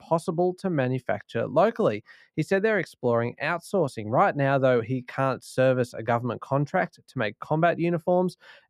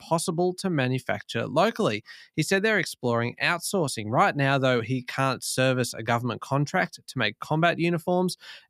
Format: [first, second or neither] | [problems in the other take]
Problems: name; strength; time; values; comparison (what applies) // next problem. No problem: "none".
second | muffled; slightly; fading above 2.5 kHz